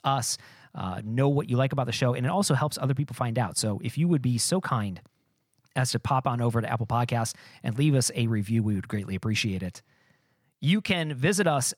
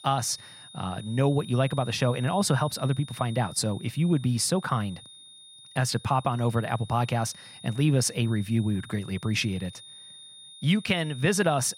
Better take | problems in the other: first | high-pitched whine; noticeable; throughout; 3.5 kHz, 20 dB below the speech

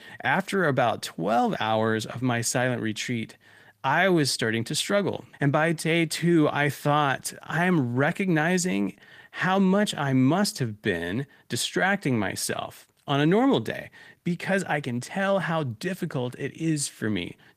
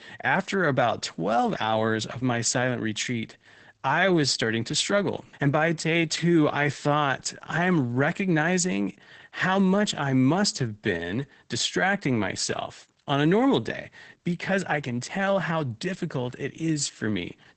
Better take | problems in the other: first | garbled, watery; badly; nothing above 8 kHz; slightly in the first

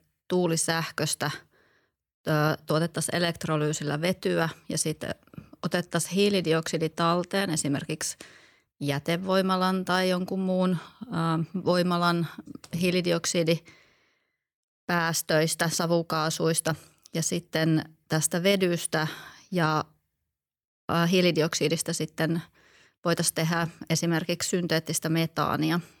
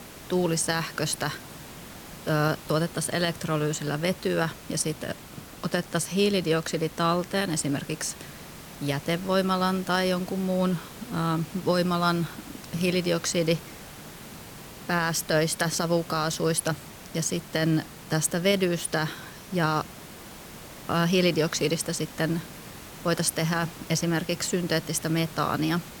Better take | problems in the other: first | hiss; noticeable; throughout; 15 dB below the speech

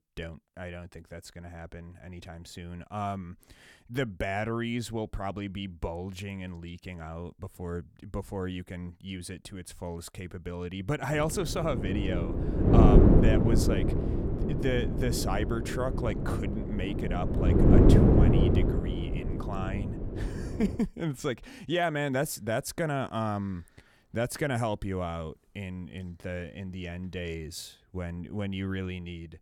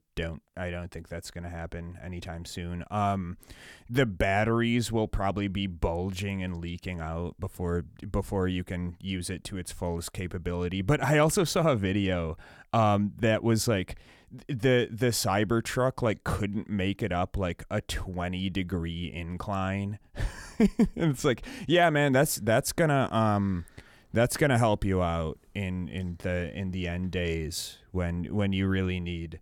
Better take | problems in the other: second | wind noise on the microphone; heavy; from 11 to 21 s; 3 dB above the speech

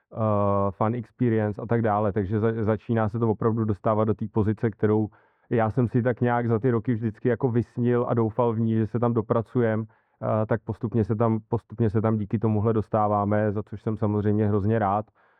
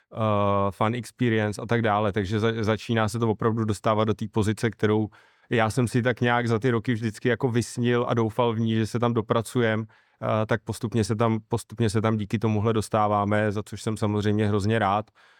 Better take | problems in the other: second | muffled; very; fading above 3 kHz

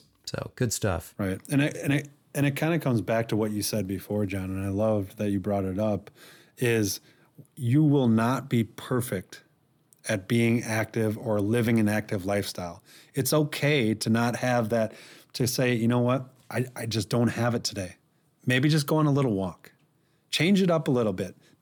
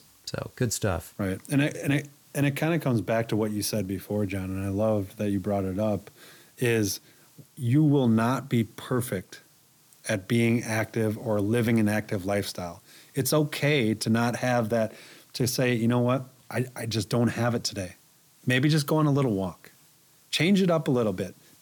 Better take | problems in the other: first | hiss; faint; throughout; 30 dB below the speech

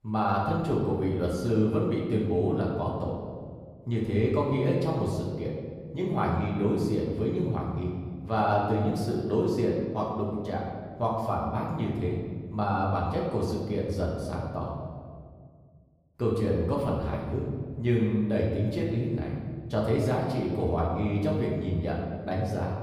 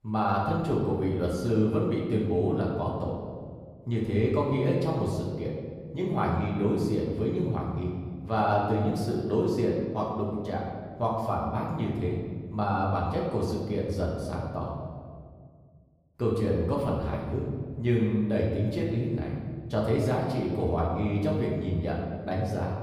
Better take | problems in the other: neither | room echo; noticeable; dies away in 1.6 s; the same in both // off-mic speech; far; the same in both

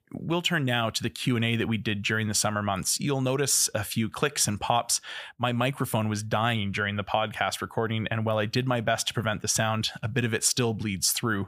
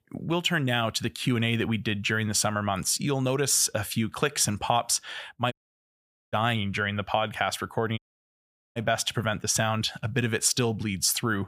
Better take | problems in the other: first | audio cutting out; at 5.5 s for 1 s and at 8 s for 1 s

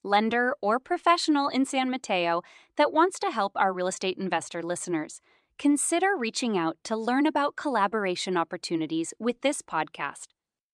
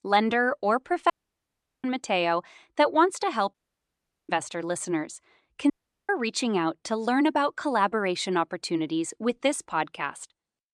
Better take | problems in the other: first | audio cutting out; at 1 s for 0.5 s, at 3.5 s for 1 s and at 5.5 s

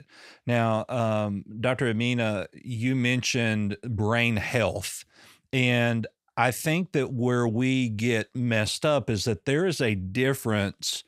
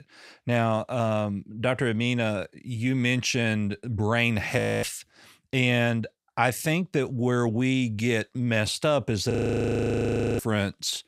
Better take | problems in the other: first | audio freezing; at 4.5 s and at 9.5 s for 1 s

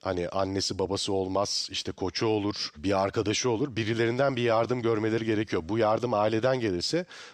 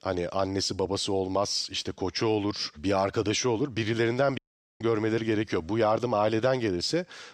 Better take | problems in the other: first | audio cutting out; at 4.5 s

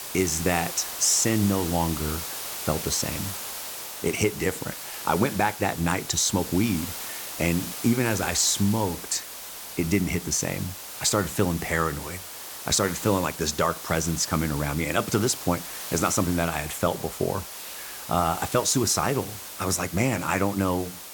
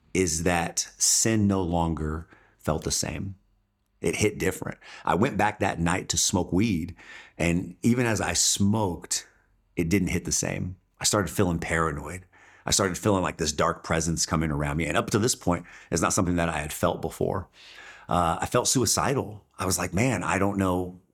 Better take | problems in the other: second | hiss; loud; throughout; 9 dB below the speech

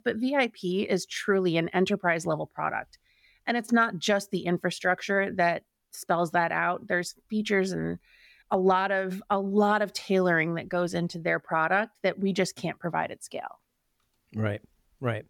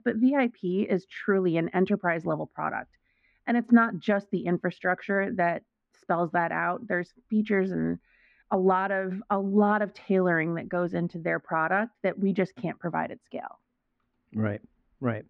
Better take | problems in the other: first | muffled; very; fading above 1.5 kHz

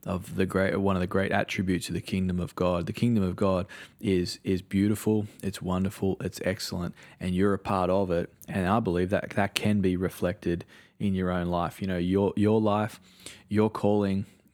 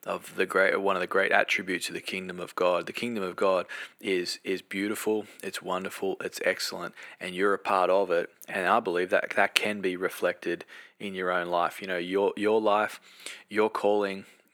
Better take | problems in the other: first | thin; somewhat; fading below 450 Hz

